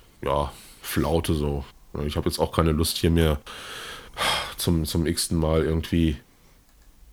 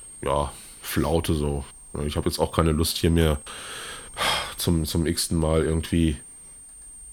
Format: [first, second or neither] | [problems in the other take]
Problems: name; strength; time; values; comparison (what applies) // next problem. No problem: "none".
first | high-pitched whine; noticeable; throughout; 8.5 kHz, 15 dB below the speech